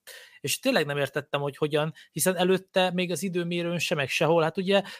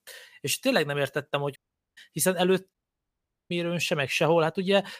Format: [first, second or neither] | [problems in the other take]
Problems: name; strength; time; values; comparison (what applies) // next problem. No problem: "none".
first | audio cutting out; at 1.5 s and at 2.5 s for 1 s